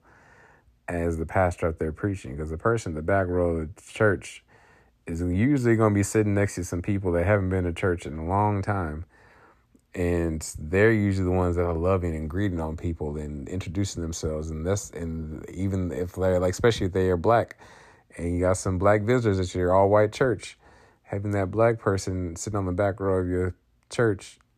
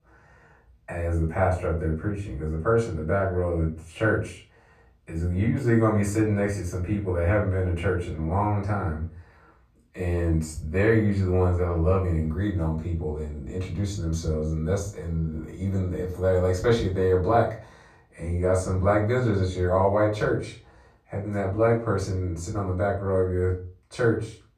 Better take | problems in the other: first | room echo; slight; dies away in 0.3 s // off-mic speech; far

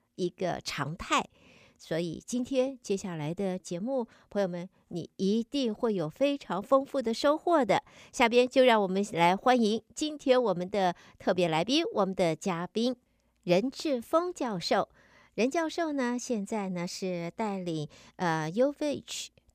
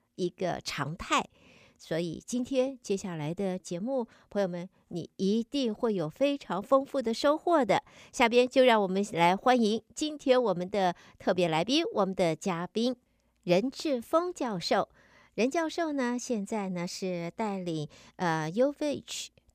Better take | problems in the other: neither | none

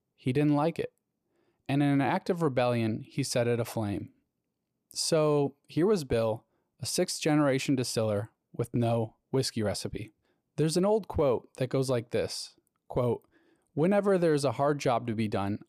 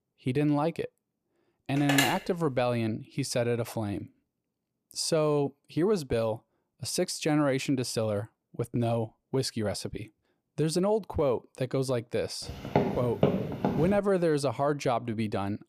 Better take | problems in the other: first | phone ringing; loud; at 2 s; peak 3 dB above the speech // footsteps; loud; from 12 to 14 s; peak 2 dB above the speech

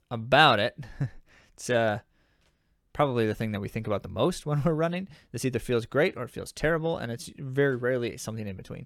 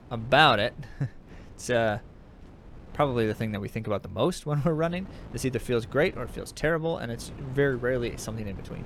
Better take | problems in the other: first | wind noise on the microphone; occasional gusts; 25 dB below the speech

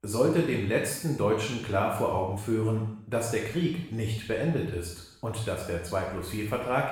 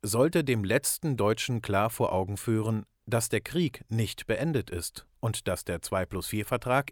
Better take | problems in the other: second | room echo; noticeable; dies away in 0.7 s // off-mic speech; far

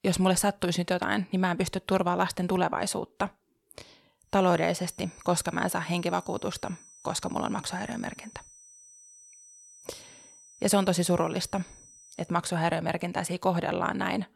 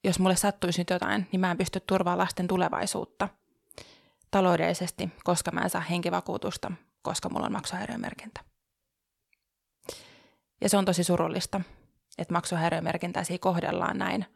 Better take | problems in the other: second | high-pitched whine; faint; from 4.5 to 12 s; 6 kHz, 20 dB below the speech

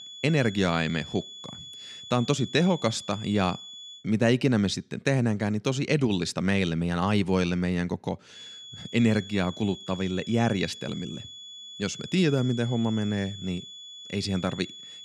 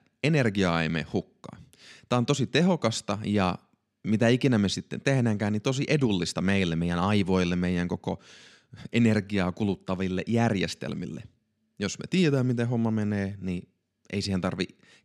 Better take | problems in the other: second | high-pitched whine; noticeable; until 4 s and from 8.5 s on; 3.5 kHz, 15 dB below the speech

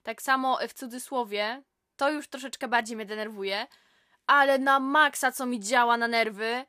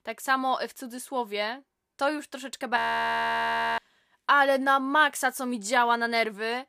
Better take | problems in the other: first | audio freezing; at 3 s for 1 s

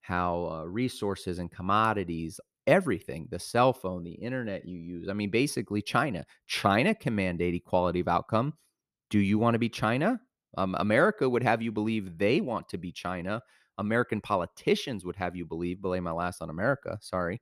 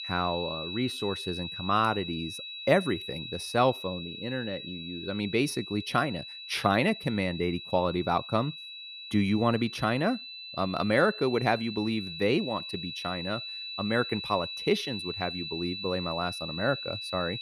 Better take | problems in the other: first | high-pitched whine; loud; throughout; 4 kHz, 8 dB below the speech

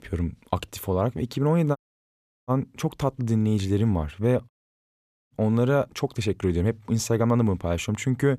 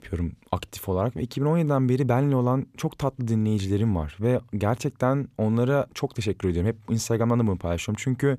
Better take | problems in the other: second | audio cutting out; at 2 s for 0.5 s and at 4.5 s for 1 s

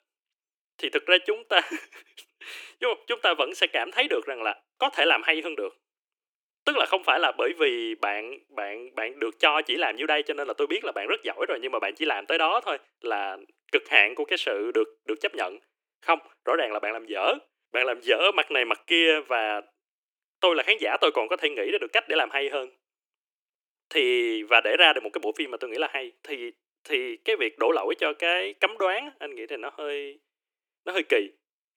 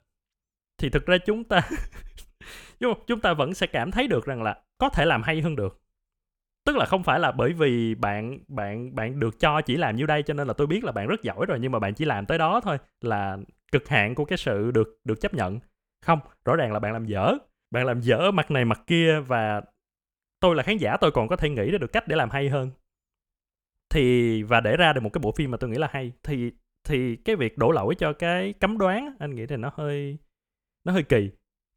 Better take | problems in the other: second | thin; very; fading below 300 Hz

